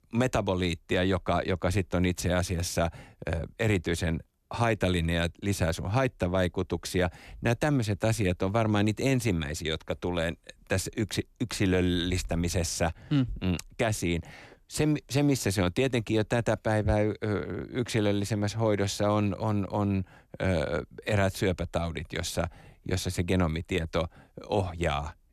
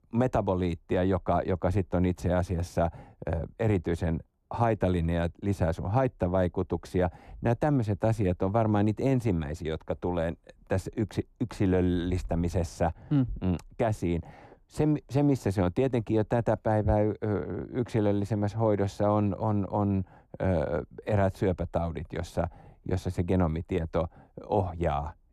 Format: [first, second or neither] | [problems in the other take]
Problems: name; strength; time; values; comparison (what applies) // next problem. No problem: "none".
first | muffled; slightly; fading above 1.5 kHz